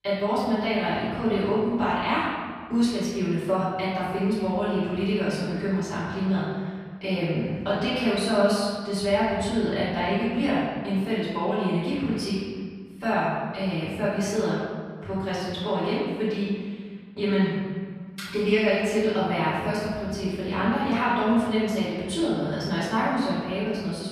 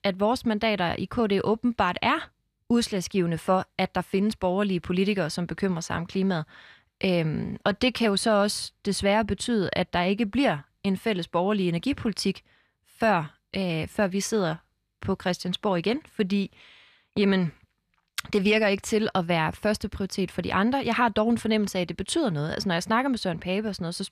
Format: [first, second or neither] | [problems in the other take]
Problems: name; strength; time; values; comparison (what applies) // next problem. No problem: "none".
second | off-mic speech; far // room echo; strong; dies away in 1.7 s